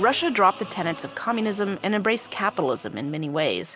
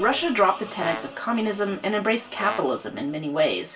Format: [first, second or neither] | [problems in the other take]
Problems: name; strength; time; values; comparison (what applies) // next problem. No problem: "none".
first | background sound (Brass instrument); 12 dB below the speech // room echo; dies away in 0.2 s